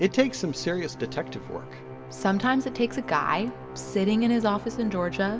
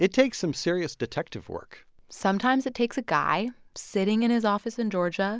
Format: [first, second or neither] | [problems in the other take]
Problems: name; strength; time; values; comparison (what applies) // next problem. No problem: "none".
second | background sound (Musical instrument); 13 dB below the speech // room echo; dies away in 1.2 s